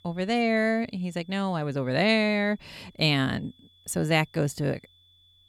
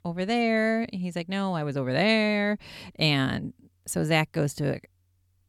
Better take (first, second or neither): second